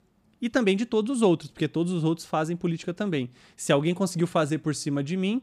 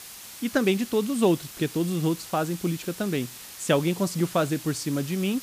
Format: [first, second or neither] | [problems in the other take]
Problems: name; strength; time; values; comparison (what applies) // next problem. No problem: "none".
first | hiss; noticeable; throughout; 15 dB below the speech